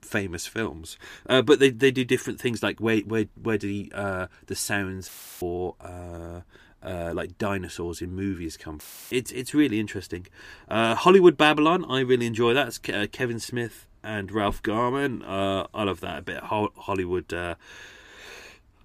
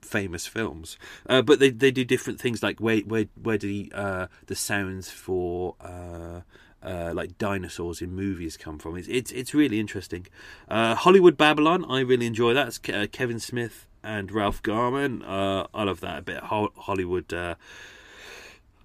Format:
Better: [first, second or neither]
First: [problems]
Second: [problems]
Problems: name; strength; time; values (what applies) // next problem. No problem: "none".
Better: second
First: audio cutting out; filled with static; at 5 s and at 9 s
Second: none